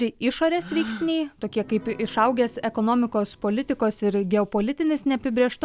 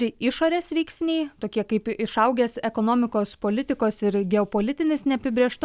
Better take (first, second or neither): second